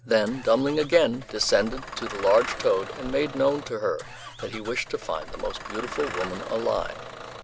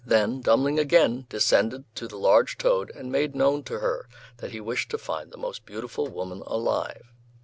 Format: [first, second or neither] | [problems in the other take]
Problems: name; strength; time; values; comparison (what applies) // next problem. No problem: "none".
second | background sound (Engine starting / Bus); 11 dB below the speech